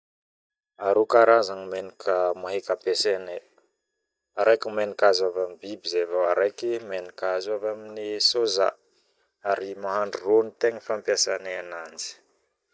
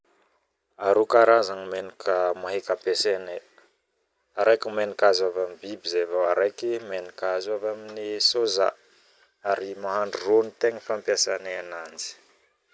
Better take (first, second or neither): second